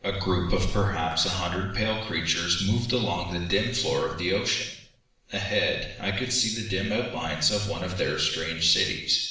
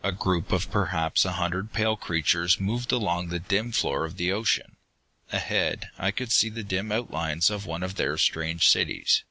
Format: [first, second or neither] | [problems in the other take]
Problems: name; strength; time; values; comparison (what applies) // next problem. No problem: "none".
second | background sound (Skateboard); 19 dB below the speech // room echo; dies away in 0.7 s